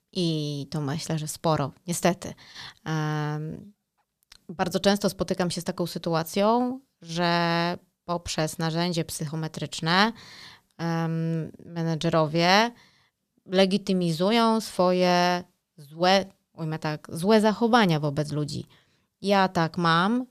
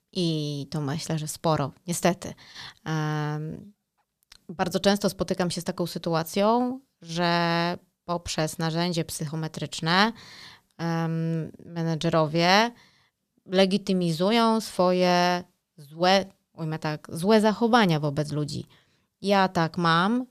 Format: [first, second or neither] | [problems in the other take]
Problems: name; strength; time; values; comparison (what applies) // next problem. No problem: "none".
neither | none